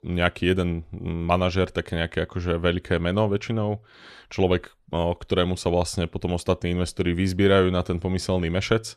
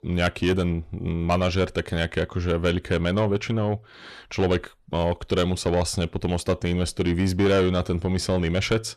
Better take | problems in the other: first | distortion; slight; 10 dB below the speech

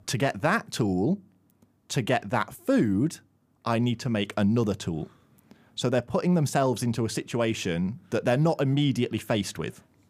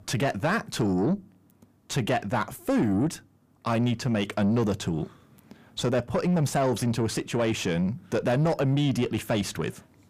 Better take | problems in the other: first | distortion; slight; 10 dB below the speech

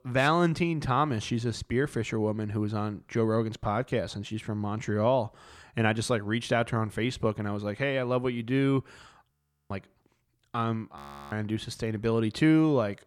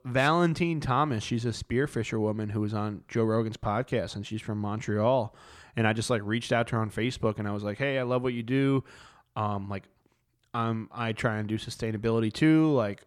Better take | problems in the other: second | audio freezing; at 9.5 s and at 11 s

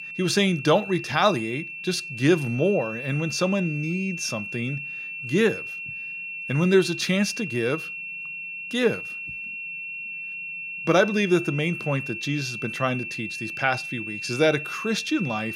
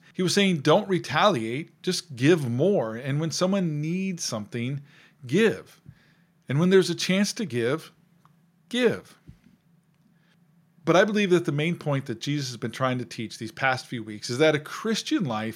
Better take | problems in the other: second | high-pitched whine; loud; throughout; 2.5 kHz, 7 dB below the speech

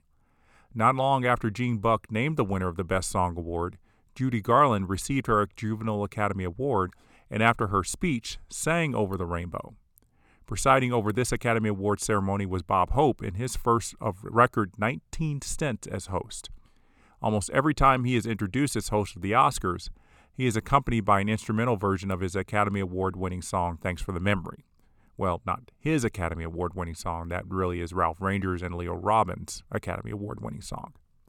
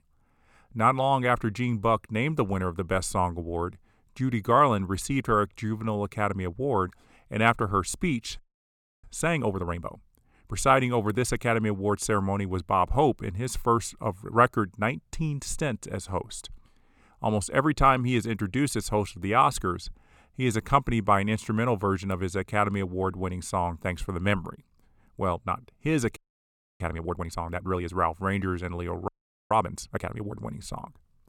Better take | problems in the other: first | audio freezing; at 8.5 s for 0.5 s, at 26 s for 0.5 s and at 29 s

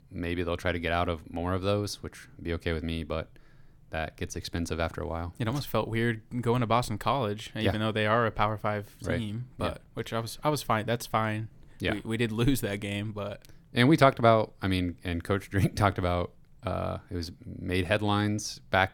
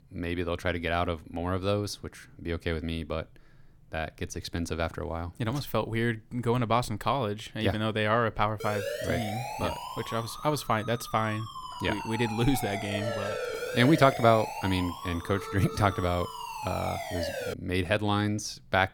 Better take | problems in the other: first | siren; noticeable; from 8.5 to 18 s; peak 3 dB below the speech

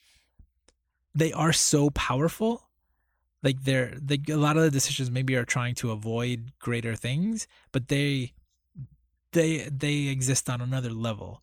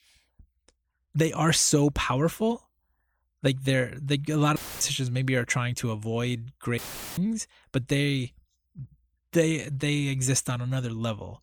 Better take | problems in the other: first | audio cutting out; filled with static; at 4.5 s and at 7 s

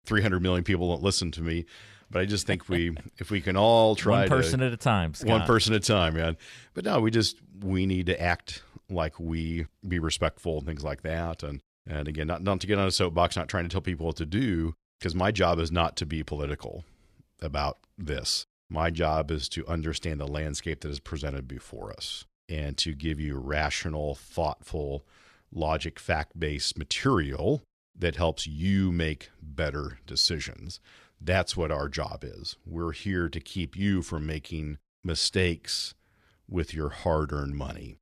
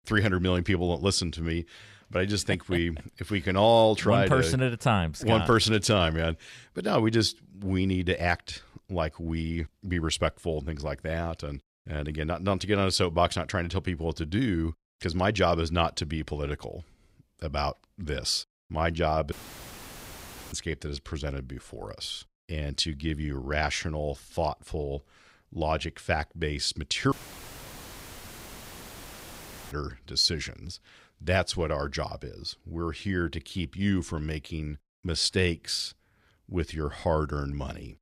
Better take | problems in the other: first | audio cutting out; filled with static; at 19 s for 1 s and at 27 s for 2.5 s

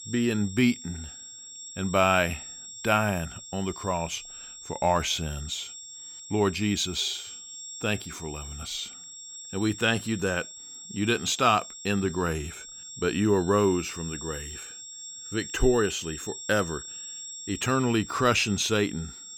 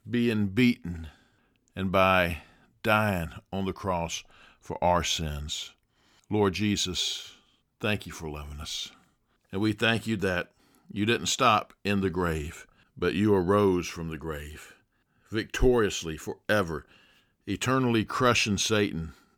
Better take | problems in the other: second | high-pitched whine; noticeable; throughout; 7.5 kHz, 10 dB below the speech

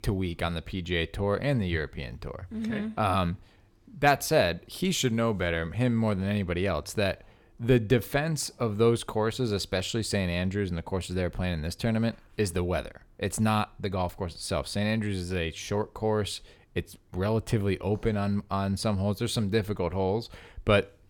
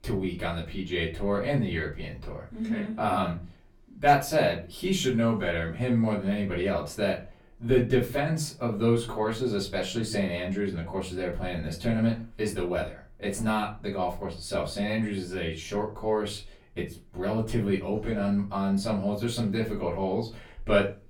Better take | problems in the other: first | off-mic speech; far // room echo; slight; dies away in 0.3 s

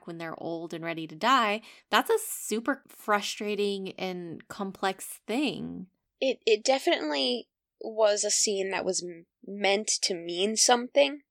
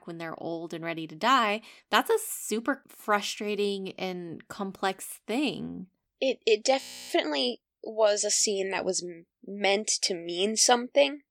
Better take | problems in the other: first | audio freezing; at 7 s

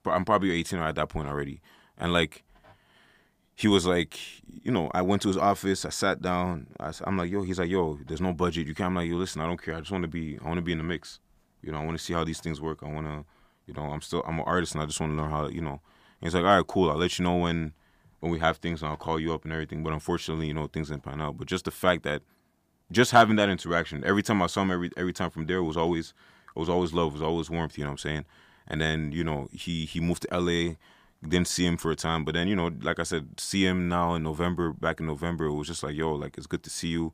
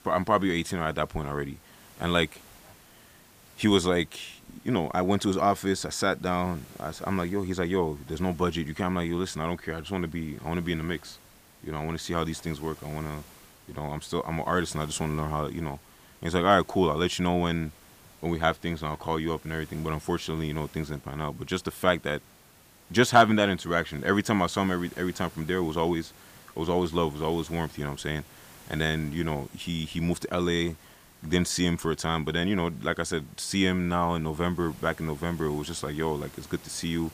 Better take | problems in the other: first | hiss; faint; throughout; 25 dB below the speech

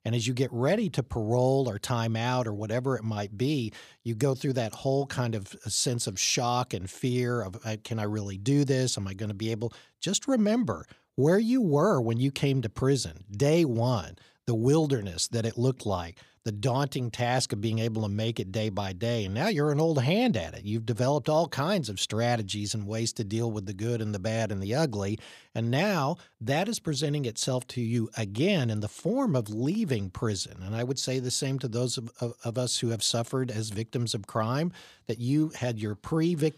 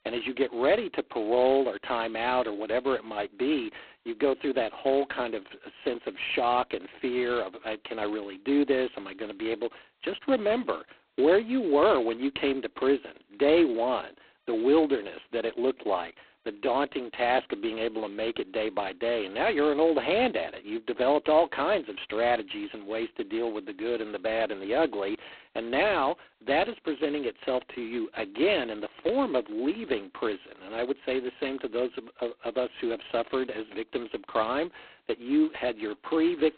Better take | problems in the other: first | phone-call audio; poor line; nothing above 4 kHz

